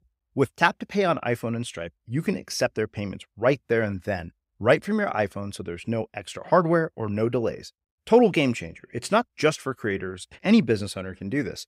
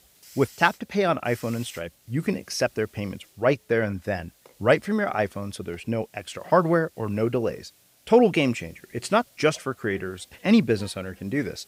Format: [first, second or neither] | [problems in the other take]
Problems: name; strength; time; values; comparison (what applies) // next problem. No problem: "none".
first | hiss; faint; throughout; 25 dB below the speech